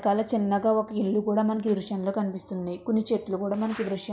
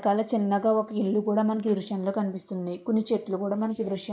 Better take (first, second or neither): first